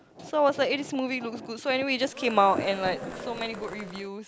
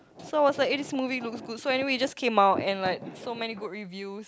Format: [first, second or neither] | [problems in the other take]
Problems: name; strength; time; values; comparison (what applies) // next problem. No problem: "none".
second | background sound (Cheering); 12 dB below the speech